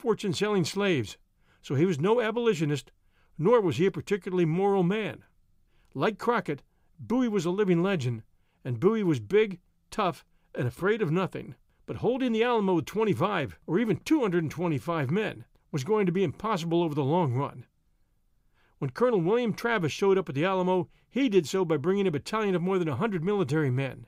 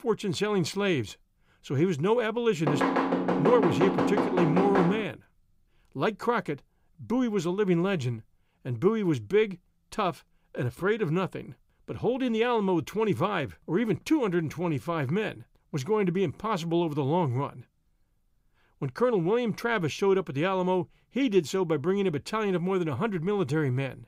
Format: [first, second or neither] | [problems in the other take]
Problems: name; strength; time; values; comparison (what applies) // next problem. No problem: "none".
first | door banging; loud; from 2.5 to 5 s; peak 2 dB above the speech